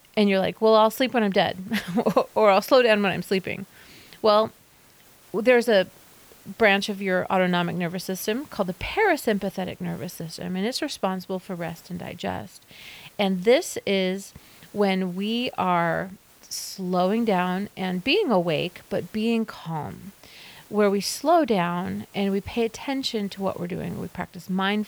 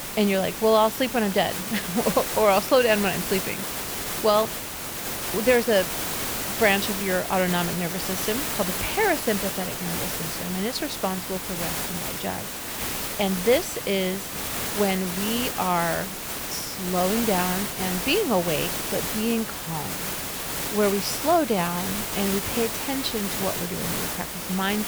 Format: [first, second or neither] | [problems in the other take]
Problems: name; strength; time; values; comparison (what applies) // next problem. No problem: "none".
first | hiss; loud; throughout; 2 dB below the speech; faint in the first